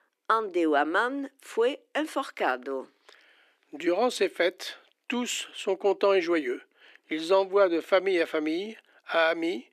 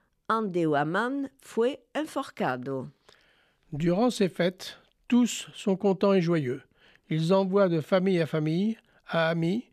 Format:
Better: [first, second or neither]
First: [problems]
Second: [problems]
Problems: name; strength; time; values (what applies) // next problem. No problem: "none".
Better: second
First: thin; somewhat; fading below 300 Hz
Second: none